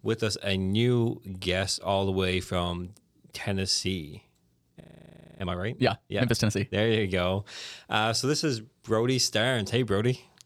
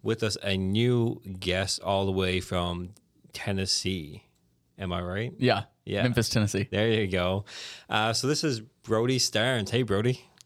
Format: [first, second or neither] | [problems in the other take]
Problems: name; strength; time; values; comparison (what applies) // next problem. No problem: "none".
second | audio freezing; at 5 s for 0.5 s